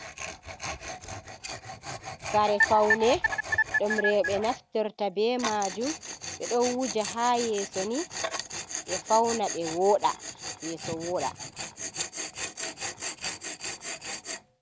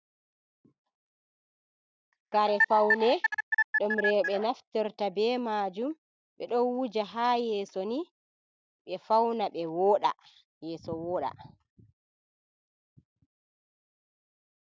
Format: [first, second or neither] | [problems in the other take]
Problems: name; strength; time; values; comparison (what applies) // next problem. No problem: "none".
second | background sound (Tools); 8 dB below the speech